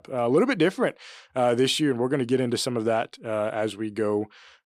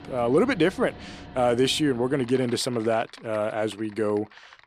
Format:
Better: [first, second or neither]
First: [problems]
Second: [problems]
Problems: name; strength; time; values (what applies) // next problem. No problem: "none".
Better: first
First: none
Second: household noises; faint; throughout; 20 dB below the speech